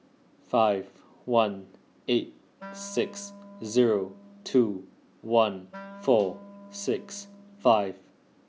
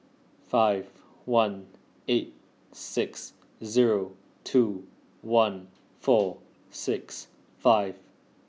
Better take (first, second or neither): second